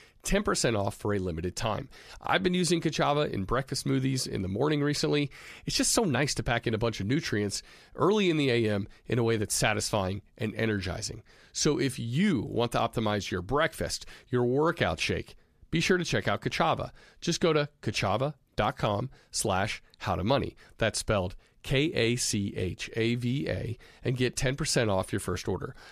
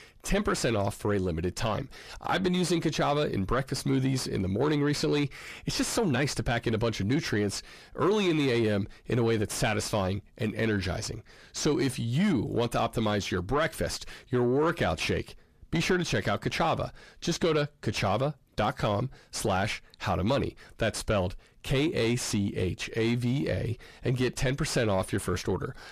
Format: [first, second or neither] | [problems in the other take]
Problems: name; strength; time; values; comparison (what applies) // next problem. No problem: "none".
first | distortion; slight; 10 dB below the speech